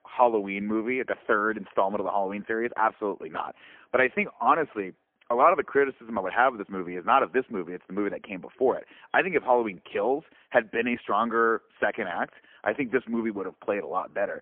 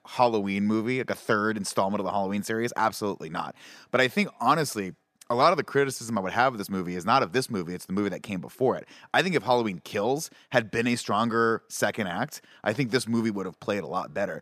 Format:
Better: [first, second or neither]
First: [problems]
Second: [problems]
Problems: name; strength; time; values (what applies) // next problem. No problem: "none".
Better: second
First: phone-call audio; poor line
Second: none